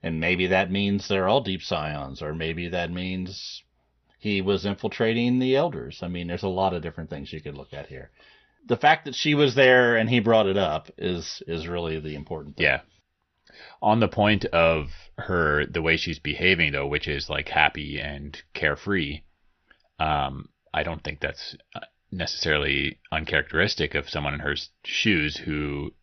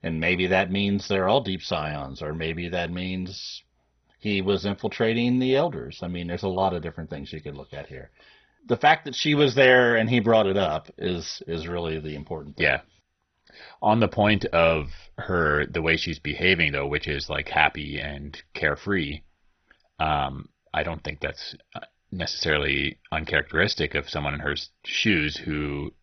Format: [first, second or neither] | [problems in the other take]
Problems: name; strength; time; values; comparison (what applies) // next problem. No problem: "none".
first | garbled, watery; badly; nothing above 6 kHz; slightly in the first